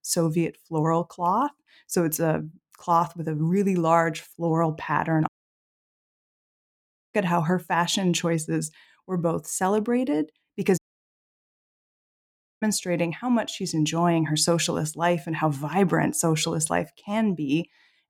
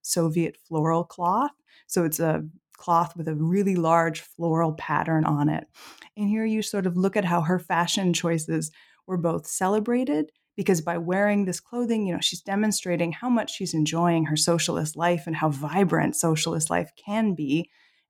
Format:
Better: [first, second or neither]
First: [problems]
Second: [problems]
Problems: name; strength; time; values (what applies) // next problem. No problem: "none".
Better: second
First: audio cutting out; at 5.5 s for 2 s and at 11 s for 2 s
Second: none